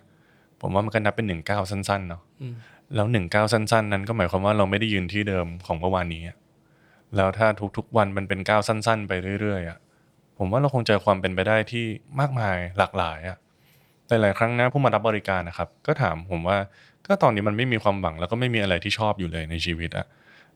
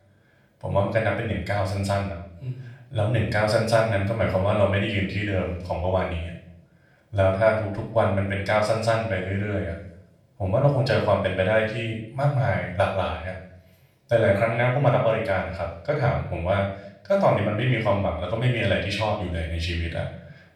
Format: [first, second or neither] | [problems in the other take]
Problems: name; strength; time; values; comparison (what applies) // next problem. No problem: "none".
first | off-mic speech; far // room echo; noticeable; dies away in 0.6 s